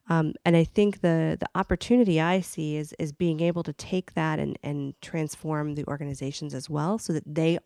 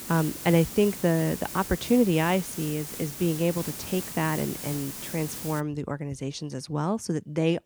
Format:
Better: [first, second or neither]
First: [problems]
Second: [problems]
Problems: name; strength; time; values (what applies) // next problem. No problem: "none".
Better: first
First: none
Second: hiss; loud; until 5.5 s; 8 dB below the speech